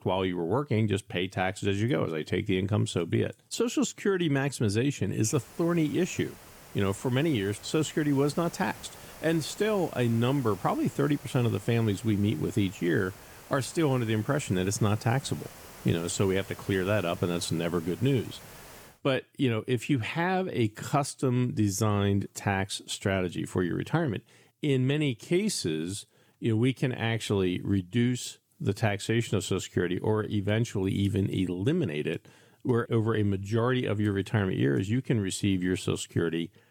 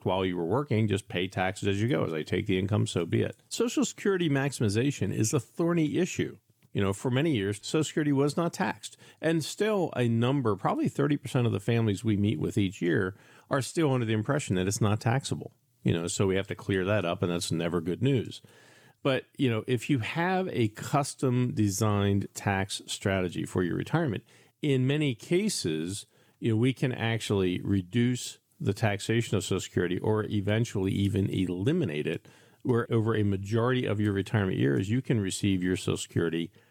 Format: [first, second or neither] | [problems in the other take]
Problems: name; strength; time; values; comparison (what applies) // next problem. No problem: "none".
second | hiss; noticeable; from 5.5 to 19 s; 20 dB below the speech